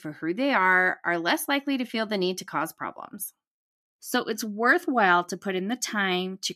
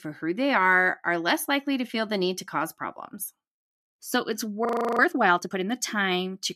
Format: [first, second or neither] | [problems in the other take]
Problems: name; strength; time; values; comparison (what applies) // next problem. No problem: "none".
first | audio freezing; at 4.5 s